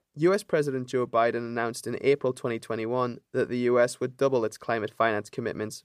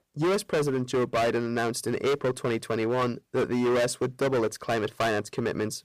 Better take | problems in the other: first | distortion; heavy; 19% of the sound clipped

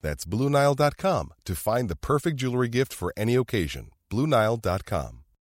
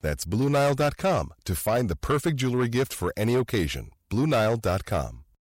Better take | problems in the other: first | distortion; slight; 10 dB below the speech

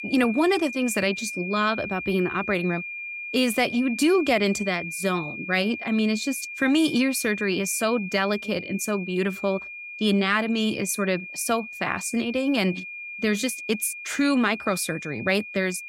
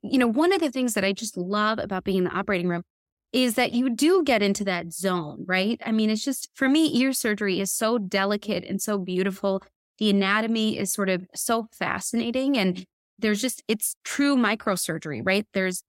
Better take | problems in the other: second | high-pitched whine; loud; throughout; 2.5 kHz, 9 dB below the speech

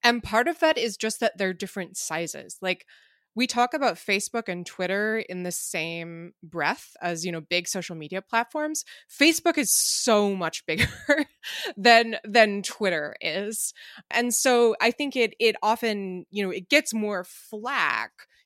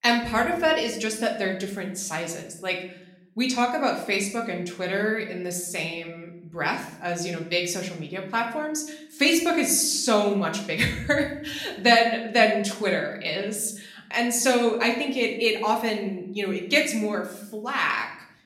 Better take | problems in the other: first | room echo; slight; dies away in 0.7 s // off-mic speech; somewhat distant

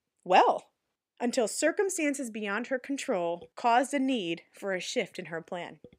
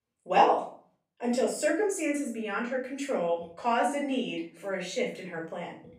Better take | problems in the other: first | room echo; noticeable; dies away in 0.4 s // off-mic speech; far

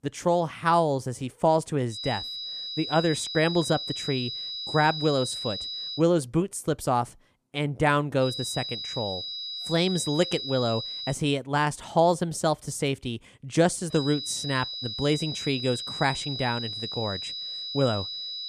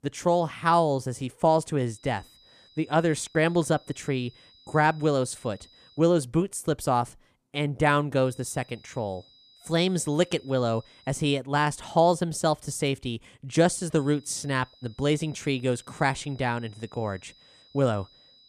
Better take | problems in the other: second | high-pitched whine; loud; from 2 to 6 s, from 8 to 11 s and from 14 s on; 4 kHz, 6 dB below the speech; faint in the second

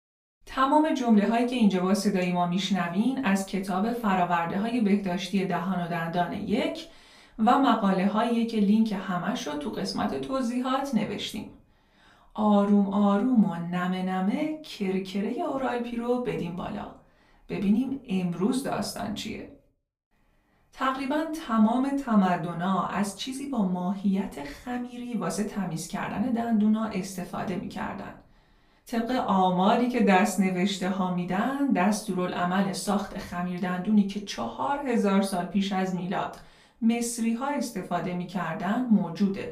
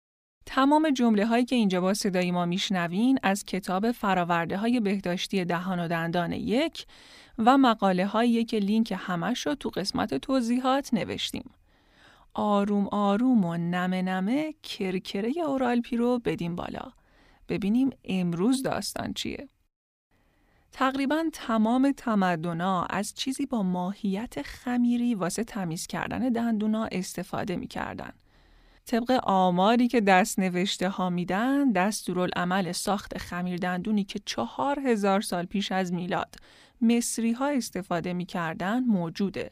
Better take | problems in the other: second | off-mic speech; far // room echo; slight; dies away in 0.3 s

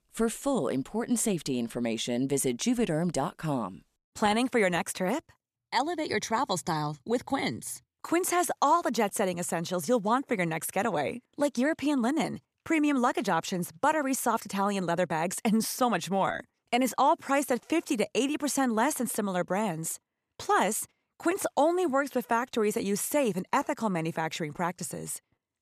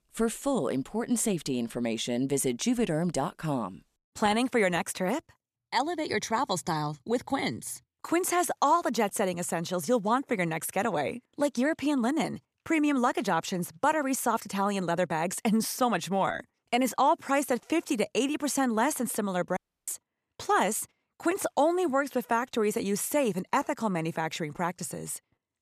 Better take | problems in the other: first | audio cutting out; at 20 s

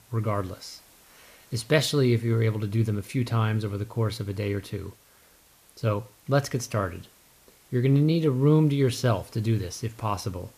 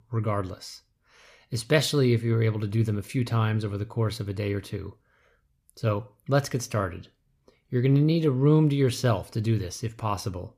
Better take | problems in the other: second | hiss; faint; throughout; 30 dB below the speech

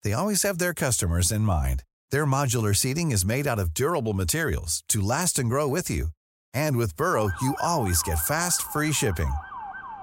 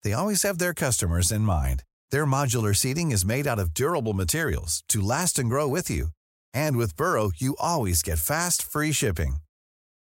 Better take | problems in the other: second | siren; noticeable; from 7 s on; peak 9 dB below the speech

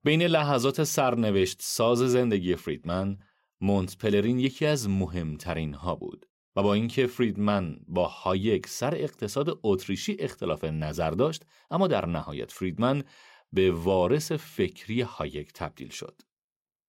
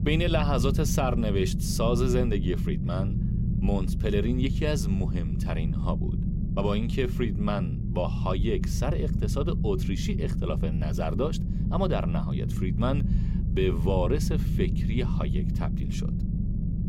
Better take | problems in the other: first | low rumble; loud; throughout; 7 dB below the speech

